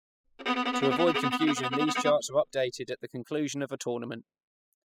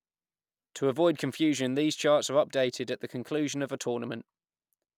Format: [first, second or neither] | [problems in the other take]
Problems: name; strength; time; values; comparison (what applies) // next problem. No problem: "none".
second | noise reduction (classical method spectral subtraction)